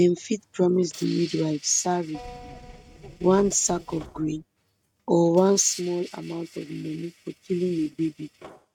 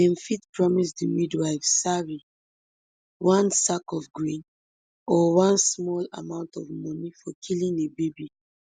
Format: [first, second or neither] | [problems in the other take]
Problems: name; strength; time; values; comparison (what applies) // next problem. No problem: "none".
second | noise reduction (neural mask model RNNoise)